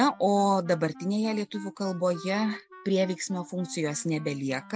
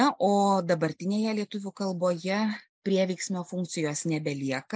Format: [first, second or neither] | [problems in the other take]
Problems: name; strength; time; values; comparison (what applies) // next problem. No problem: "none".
second | background sound (Wind instrument, woodwind instrument); 20 dB below the speech